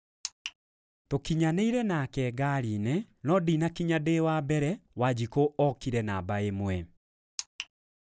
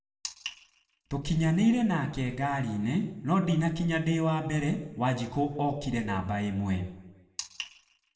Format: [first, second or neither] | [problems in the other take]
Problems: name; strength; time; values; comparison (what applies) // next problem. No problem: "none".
first | room echo; dies away in 0.7 s